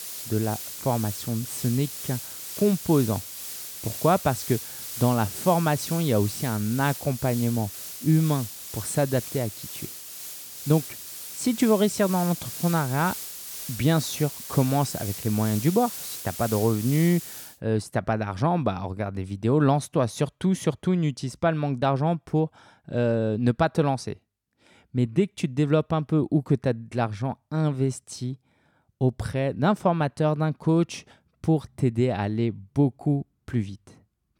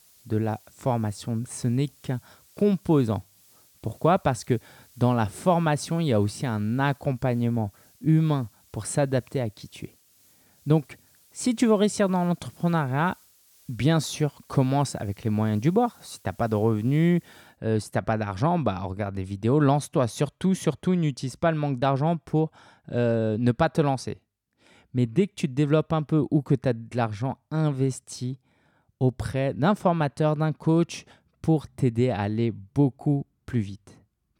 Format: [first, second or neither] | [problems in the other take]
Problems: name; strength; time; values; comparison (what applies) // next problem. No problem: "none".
second | hiss; loud; until 17 s; 9 dB below the speech; faint in the second